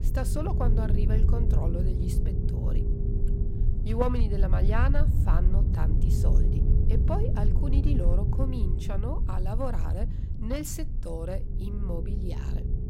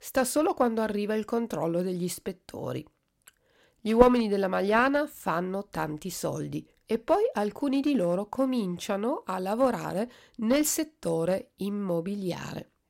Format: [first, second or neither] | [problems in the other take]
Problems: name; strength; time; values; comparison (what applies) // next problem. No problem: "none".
second | low rumble; loud; throughout; 5 dB below the speech